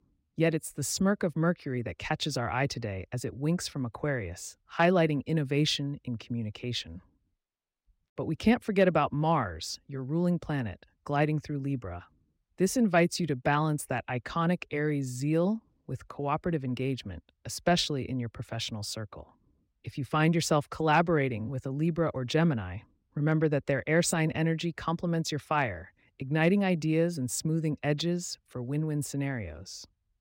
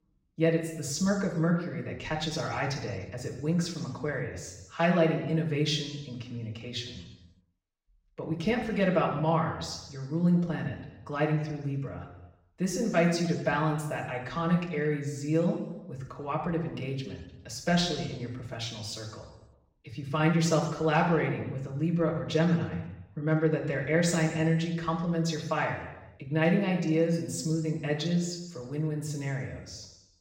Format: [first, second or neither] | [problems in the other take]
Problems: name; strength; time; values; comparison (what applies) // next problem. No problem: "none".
first | room echo; noticeable; dies away in 1 s // off-mic speech; far